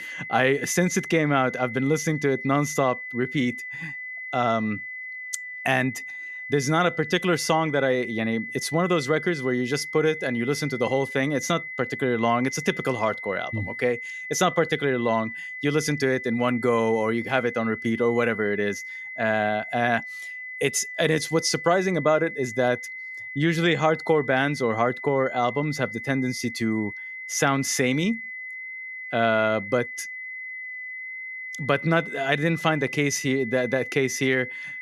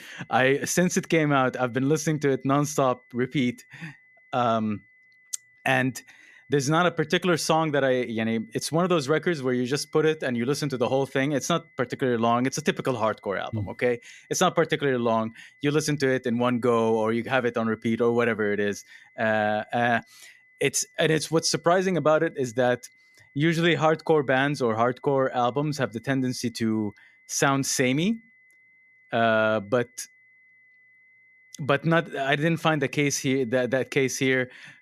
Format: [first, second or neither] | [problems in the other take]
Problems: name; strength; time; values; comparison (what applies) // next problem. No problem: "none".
second | high-pitched whine; loud; throughout; 2 kHz, 9 dB below the speech; faint in the second